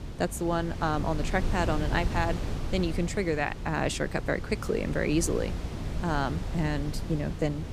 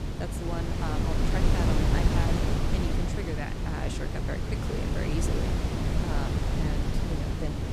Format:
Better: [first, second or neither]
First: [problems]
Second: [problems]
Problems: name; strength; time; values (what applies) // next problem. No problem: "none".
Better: first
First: wind noise on the microphone; occasional gusts; 10 dB below the speech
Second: wind noise on the microphone; heavy; 3 dB above the speech